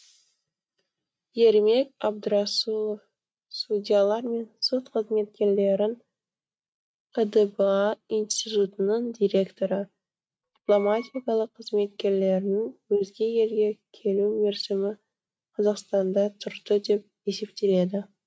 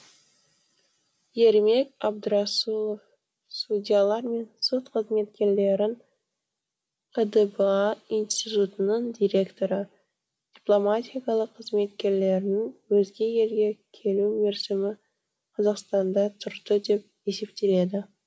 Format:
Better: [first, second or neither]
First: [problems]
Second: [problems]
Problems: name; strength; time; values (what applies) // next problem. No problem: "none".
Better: second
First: noise reduction (neural mask model RNNoise)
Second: none